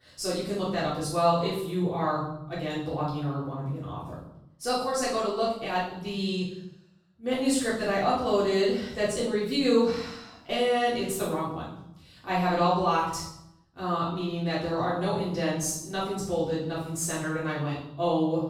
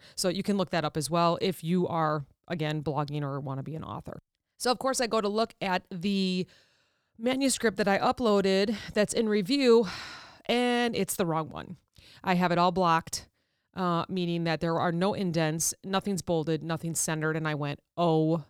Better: second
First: off-mic speech; far // room echo; noticeable; dies away in 0.7 s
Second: none

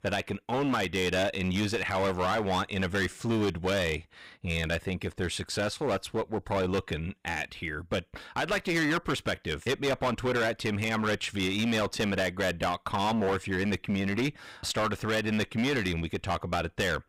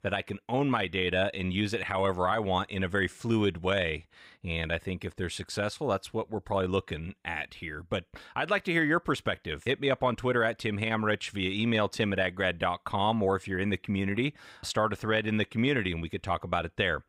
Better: second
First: distortion; heavy; 15% of the sound clipped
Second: none

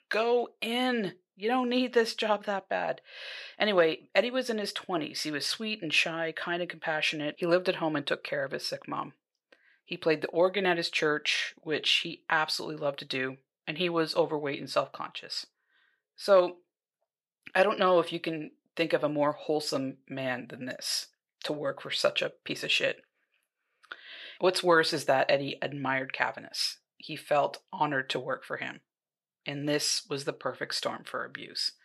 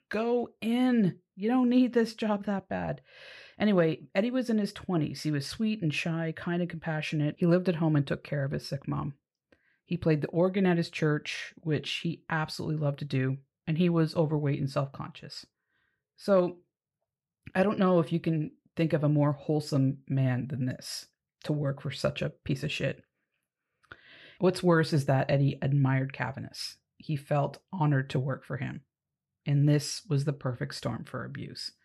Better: second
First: thin; somewhat; fading below 500 Hz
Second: none

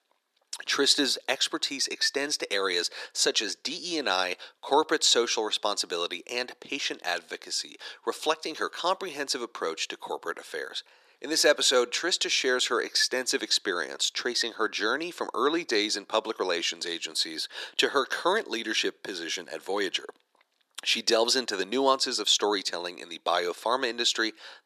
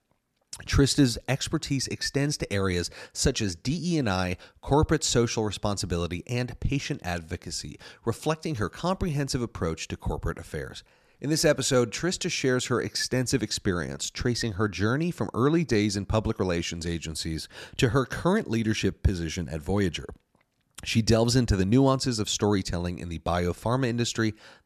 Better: second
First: thin; very; fading below 350 Hz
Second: none

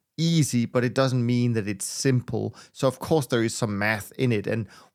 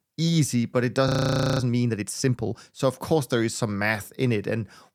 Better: first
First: none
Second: audio freezing; at 1 s for 0.5 s

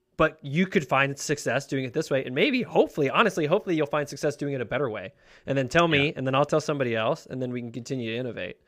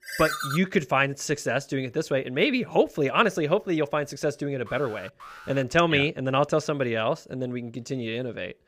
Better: first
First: none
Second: phone ringing; noticeable; at the start; peak 4 dB below the speech // alarm; faint; at 4.5 s; peak 20 dB below the speech

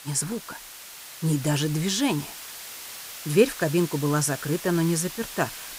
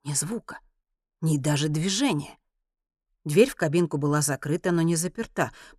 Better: second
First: hiss; noticeable; throughout; 10 dB below the speech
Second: none

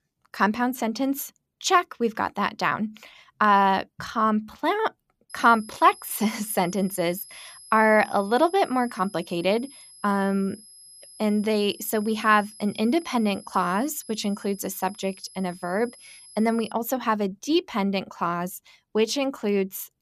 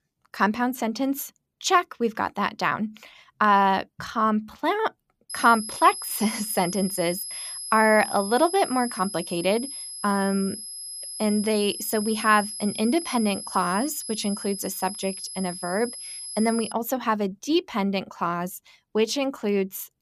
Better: first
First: high-pitched whine; faint; from 5.5 to 17 s; 11 kHz, 20 dB below the speech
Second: high-pitched whine; loud; from 5.5 to 17 s; 11 kHz, 8 dB below the speech

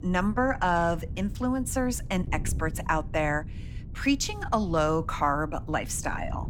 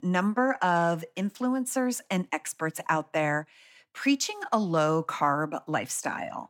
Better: second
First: wind noise on the microphone; occasional gusts; 25 dB below the speech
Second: none

